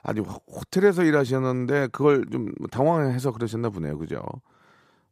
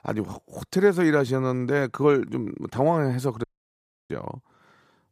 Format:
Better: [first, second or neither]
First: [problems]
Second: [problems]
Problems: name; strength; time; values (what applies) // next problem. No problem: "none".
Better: first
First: none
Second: audio cutting out; at 3.5 s for 0.5 s